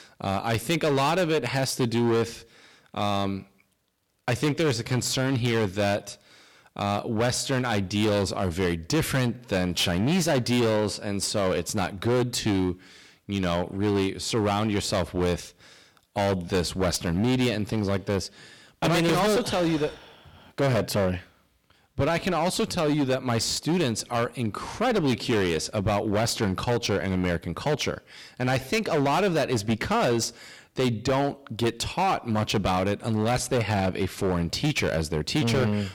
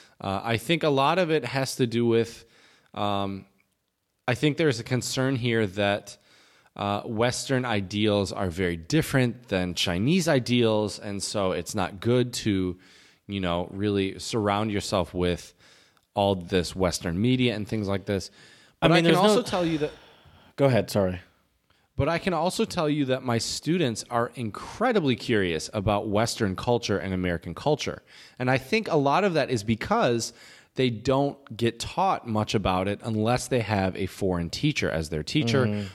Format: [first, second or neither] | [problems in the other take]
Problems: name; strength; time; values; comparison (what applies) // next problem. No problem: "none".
second | distortion; heavy; 16% of the sound clipped